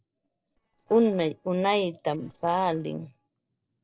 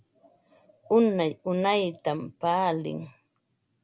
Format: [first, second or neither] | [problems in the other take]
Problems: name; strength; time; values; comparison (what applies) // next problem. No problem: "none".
second | noise reduction (neural separator model SepFormer DNS4)